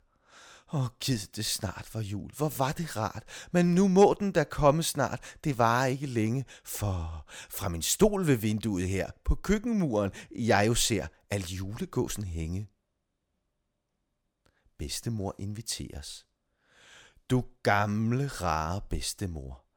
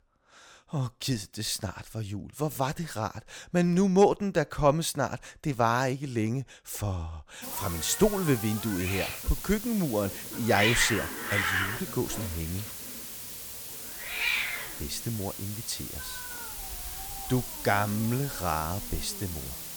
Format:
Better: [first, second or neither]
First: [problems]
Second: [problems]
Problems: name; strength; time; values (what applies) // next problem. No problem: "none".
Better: first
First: none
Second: hiss; loud; from 7.5 s on; 4 dB below the speech